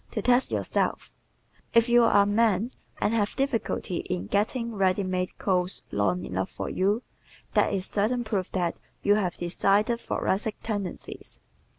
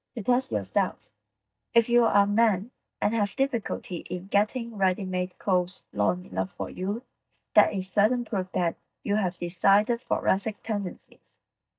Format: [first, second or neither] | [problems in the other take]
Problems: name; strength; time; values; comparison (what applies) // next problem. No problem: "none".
first | noise reduction (neural mask model DeepFilterNet 3)